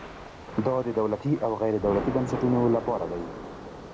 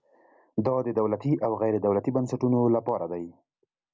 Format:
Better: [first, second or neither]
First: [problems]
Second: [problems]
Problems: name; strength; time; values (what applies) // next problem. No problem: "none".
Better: second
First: background sound (Thunder / Rain); 9 dB below the speech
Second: none